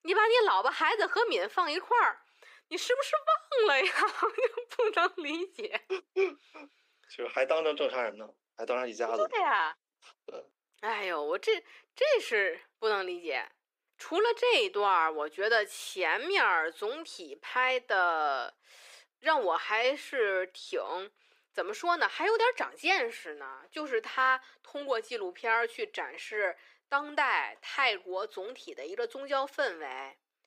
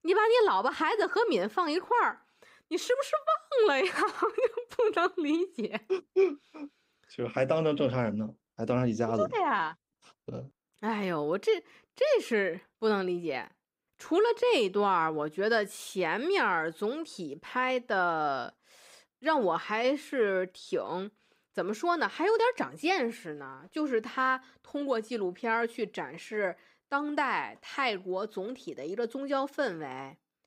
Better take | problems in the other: second | thin; very; fading below 400 Hz

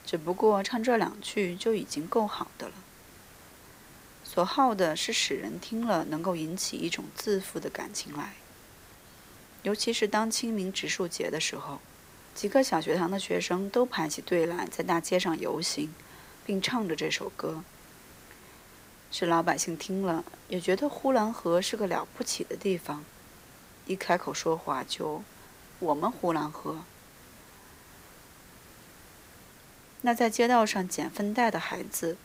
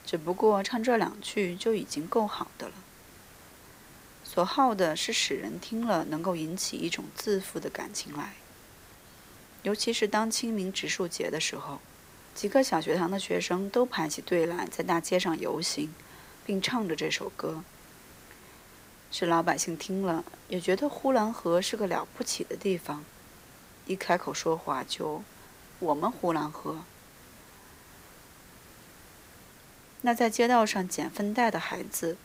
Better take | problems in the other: neither | hiss; faint; throughout; 20 dB below the speech; the same in both

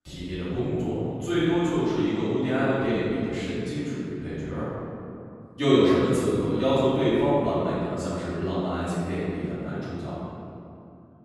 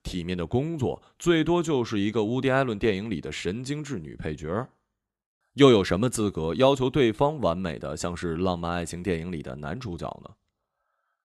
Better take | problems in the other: second | room echo; strong; dies away in 2.5 s // off-mic speech; far

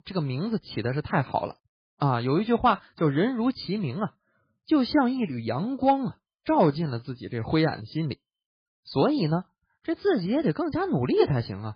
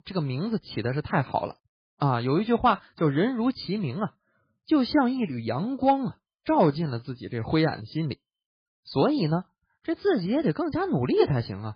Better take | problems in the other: neither | garbled, watery; badly; nothing above 4.5 kHz; the same in both

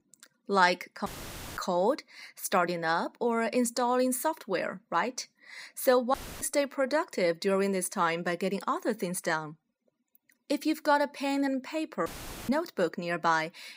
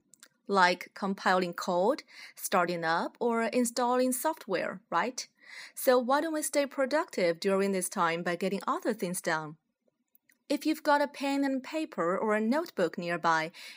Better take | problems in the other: second | audio cutting out; filled with static; at 1 s for 0.5 s, at 6 s and at 12 s

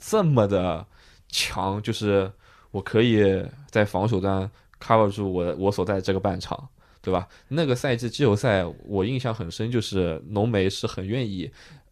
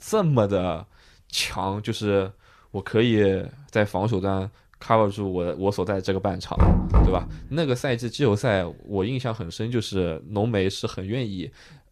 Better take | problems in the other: first | door banging; loud; at 6.5 s; peak 6 dB above the speech

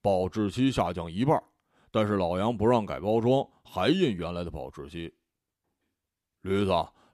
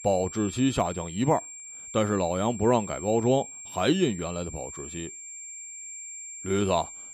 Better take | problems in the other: first | high-pitched whine; noticeable; throughout; 7.5 kHz, 10 dB below the speech

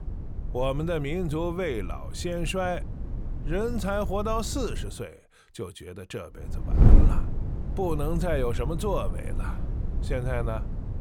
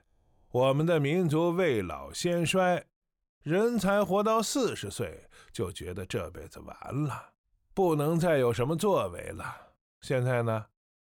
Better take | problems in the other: second | wind noise on the microphone; occasional gusts; until 5 s and from 6.5 s on; 10 dB below the speech

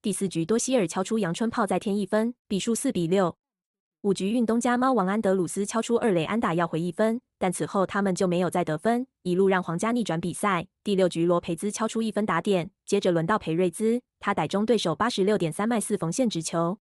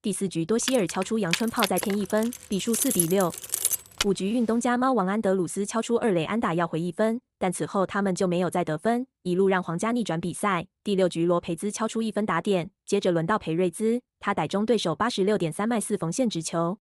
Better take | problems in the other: first | jangling keys; loud; from 0.5 to 4 s; peak 2 dB above the speech

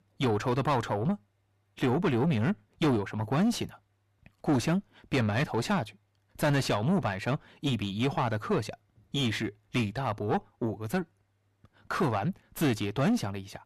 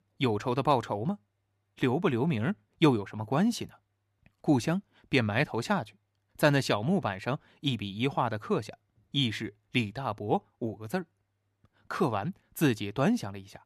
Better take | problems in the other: second | distortion; heavy; 7 dB below the speech

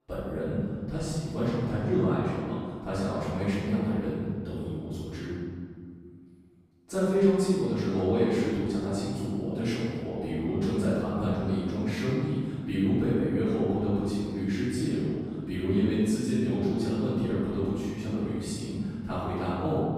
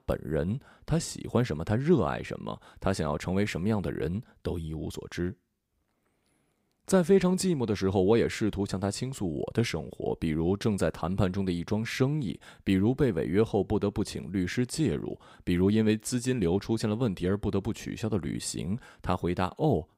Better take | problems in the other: second | off-mic speech; far // room echo; strong; dies away in 2 s

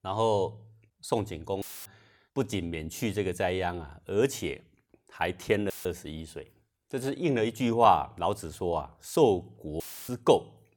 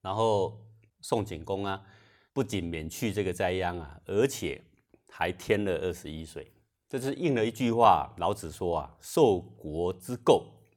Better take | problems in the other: second | audio cutting out; filled with static; at 1.5 s, at 5.5 s and at 10 s

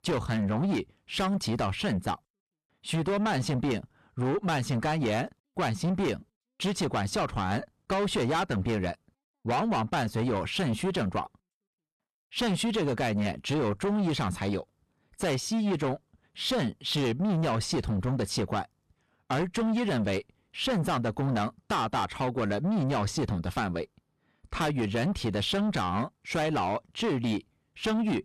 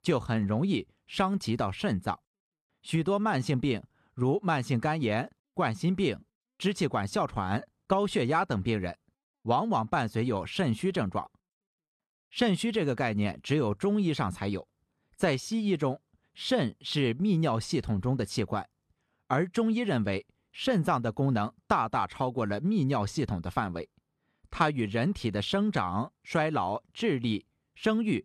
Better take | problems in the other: second | distortion; heavy; 7 dB below the speech

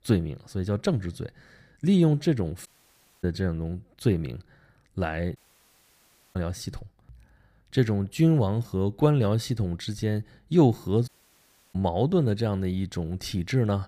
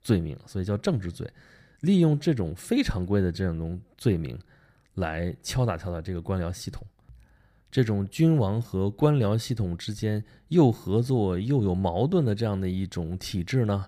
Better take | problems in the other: second | audio cutting out; at 2.5 s for 0.5 s, at 5.5 s for 1 s and at 11 s for 0.5 s

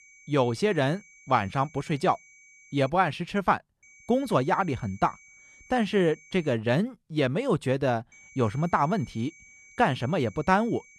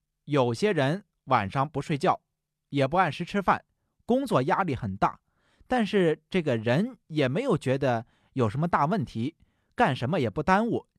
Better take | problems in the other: second | high-pitched whine; faint; until 3 s, from 4 to 6.5 s and from 8 s on; 2.5 kHz, 25 dB below the speech

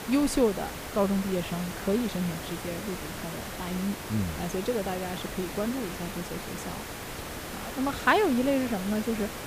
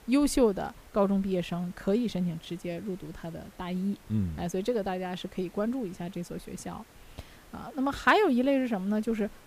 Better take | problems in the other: second | hiss; loud; throughout; 7 dB below the speech; faint in the second

